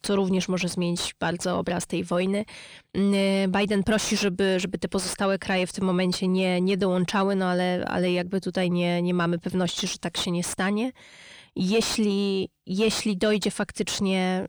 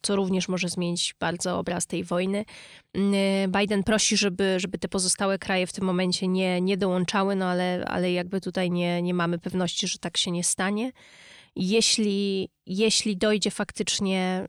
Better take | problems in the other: second | distortion; slight; 10 dB below the speech

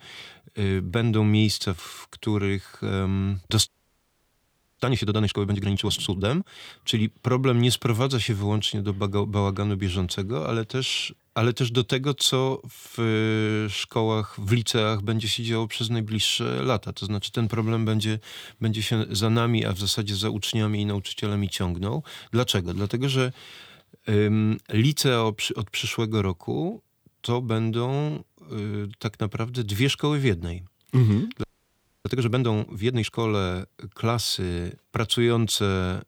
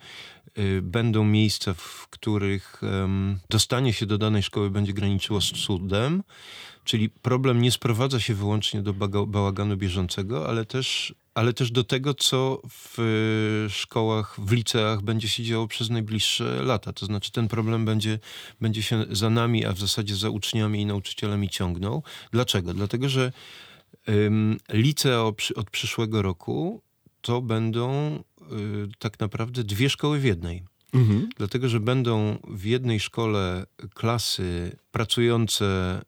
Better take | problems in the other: second | audio freezing; at 3.5 s for 1 s and at 31 s for 0.5 s

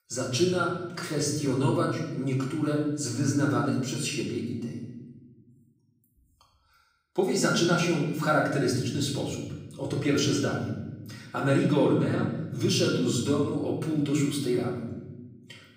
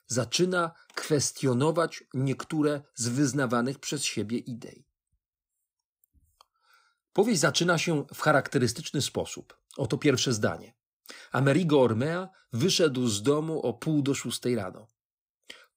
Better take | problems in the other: second | off-mic speech; far // room echo; noticeable; dies away in 1.3 s

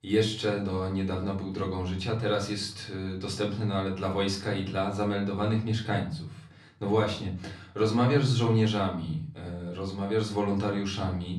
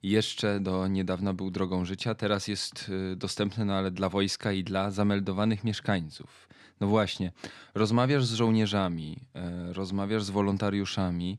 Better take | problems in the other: second | off-mic speech; somewhat distant // room echo; slight; dies away in 0.5 s

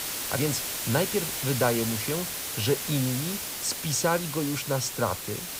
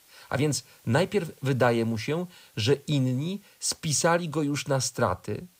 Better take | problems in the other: second | hiss; loud; throughout; 2 dB below the speech; faint in the second

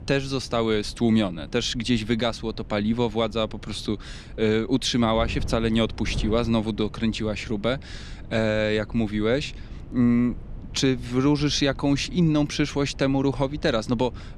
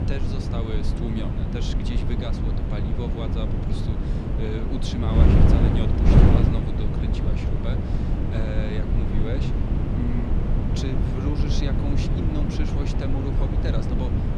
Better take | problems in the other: first | wind noise on the microphone; heavy; 4 dB above the speech; occasional gusts in the first

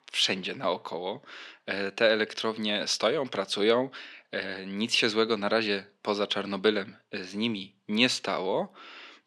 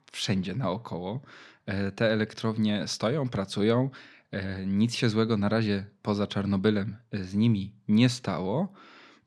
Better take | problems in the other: second | thin; somewhat; fading below 400 Hz

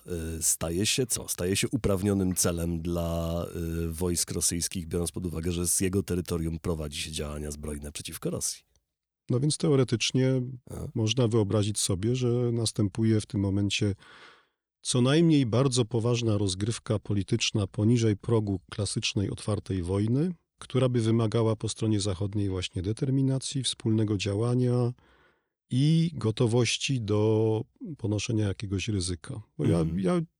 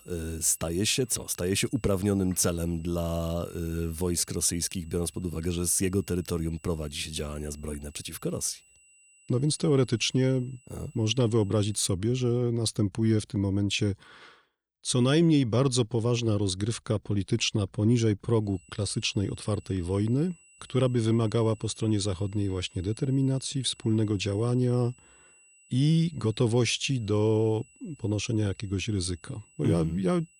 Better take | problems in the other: first | high-pitched whine; faint; until 12 s and from 18 s on; 8 kHz, 30 dB below the speech

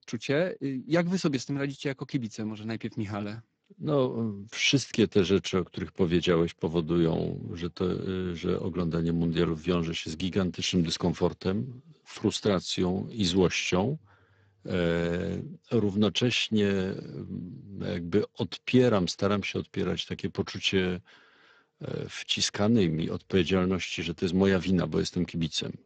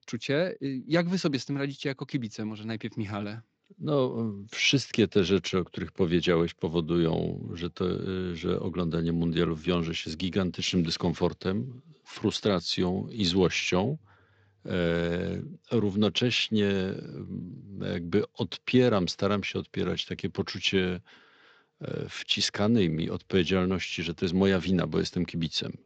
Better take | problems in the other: second | garbled, watery; badly; nothing above 7.5 kHz; slightly in the second

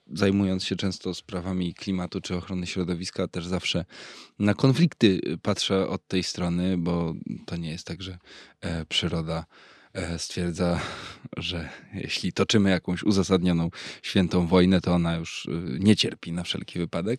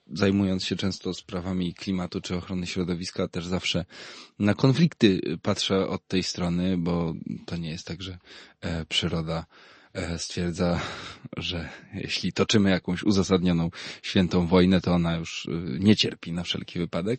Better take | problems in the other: first | garbled, watery; slightly; nothing above 8 kHz

